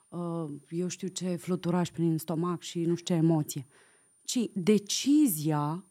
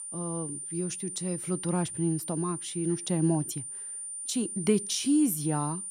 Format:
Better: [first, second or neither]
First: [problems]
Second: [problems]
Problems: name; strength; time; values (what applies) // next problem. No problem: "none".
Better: first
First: high-pitched whine; faint; throughout; 9 kHz, 35 dB below the speech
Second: high-pitched whine; loud; throughout; 9 kHz, 6 dB below the speech